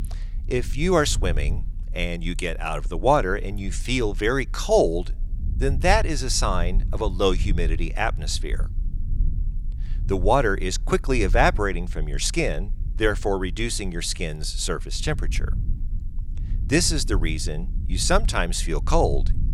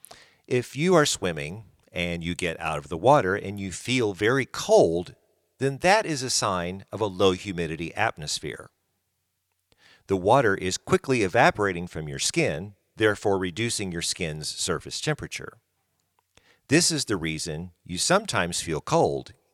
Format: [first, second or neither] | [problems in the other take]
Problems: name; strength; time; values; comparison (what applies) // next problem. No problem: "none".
second | low rumble; faint; throughout; 25 dB below the speech